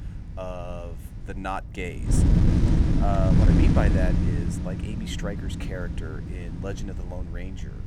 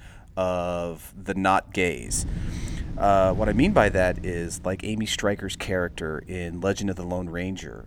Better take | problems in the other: second | wind noise on the microphone; heavy; 1 dB above the speech; occasional gusts in the second

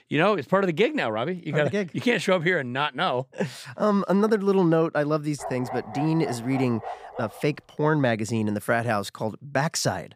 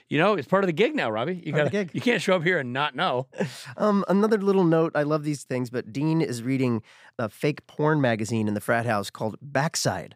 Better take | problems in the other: second | dog barking; noticeable; from 5.5 to 7.5 s; peak 9 dB below the speech

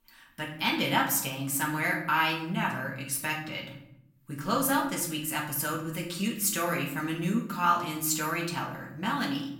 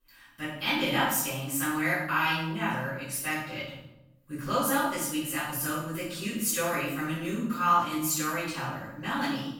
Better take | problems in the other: first | room echo; strong; dies away in 0.8 s; slight in the first // off-mic speech; far; far in the first

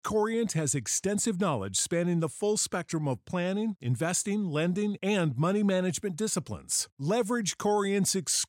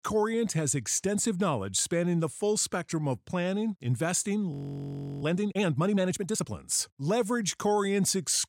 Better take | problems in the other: first | audio freezing; at 4.5 s for 0.5 s

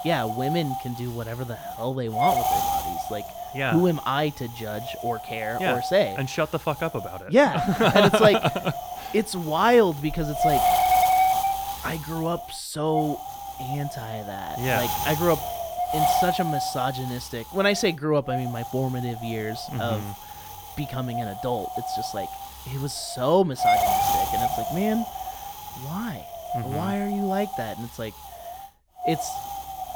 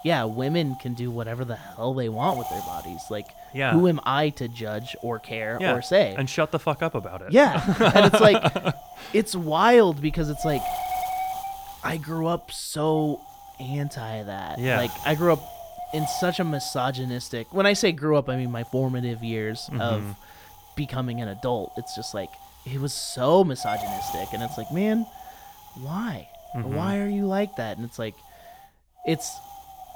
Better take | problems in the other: second | wind noise on the microphone; heavy; as loud as the speech; occasional gusts in the second

